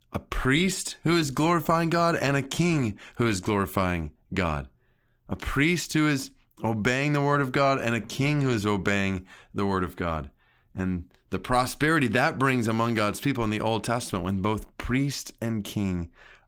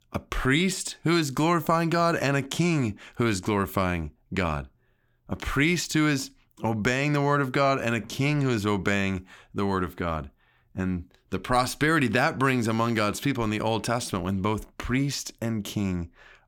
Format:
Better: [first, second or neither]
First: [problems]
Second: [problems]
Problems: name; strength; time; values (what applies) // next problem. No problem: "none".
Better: second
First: garbled, watery; slightly; nothing above 19.5 kHz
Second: none